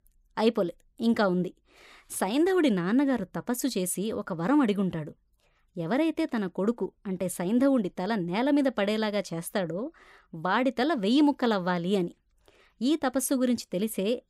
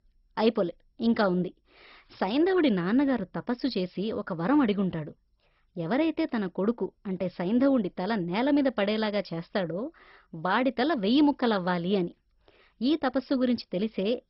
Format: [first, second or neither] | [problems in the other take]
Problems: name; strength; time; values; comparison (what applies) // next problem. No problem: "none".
first | garbled, watery; badly; nothing above 5.5 kHz